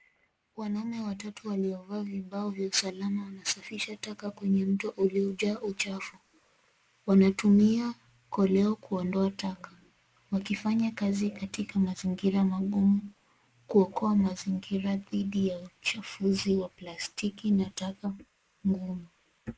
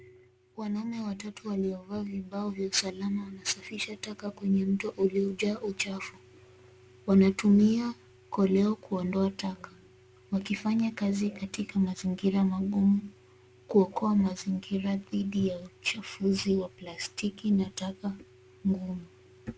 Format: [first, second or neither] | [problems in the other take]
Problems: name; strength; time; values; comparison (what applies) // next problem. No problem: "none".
second | noise reduction (neural mask model Resemble Enhance denoiser)